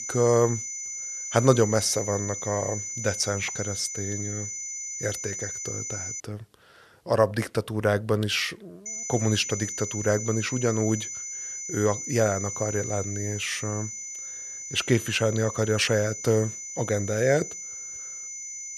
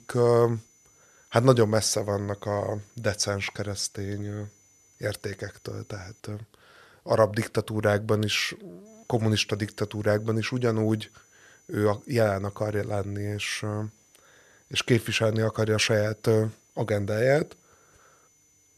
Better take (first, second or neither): second